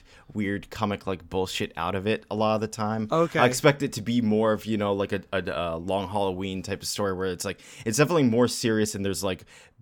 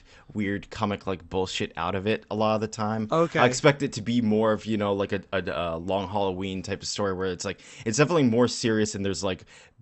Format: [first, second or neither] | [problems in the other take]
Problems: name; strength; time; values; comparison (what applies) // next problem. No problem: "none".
first | garbled, watery; slightly; nothing above 8 kHz